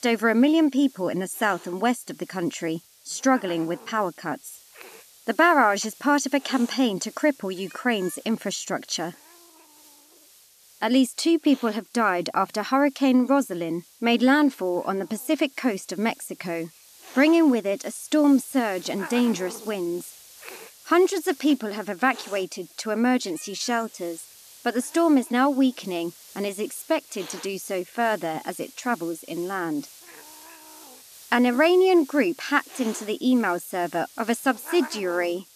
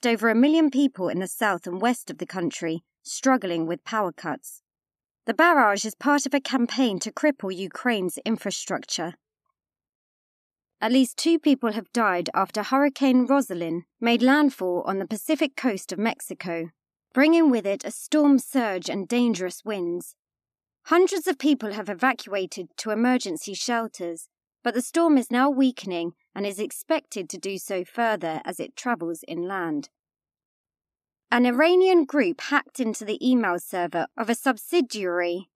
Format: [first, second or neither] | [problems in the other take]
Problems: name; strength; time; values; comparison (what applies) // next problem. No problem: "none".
second | hiss; faint; throughout; 20 dB below the speech